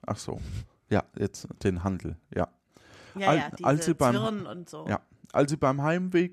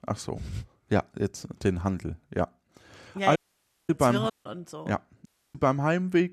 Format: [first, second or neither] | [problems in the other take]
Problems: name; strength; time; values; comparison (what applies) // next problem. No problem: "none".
first | audio cutting out; at 3.5 s for 0.5 s, at 4.5 s and at 5.5 s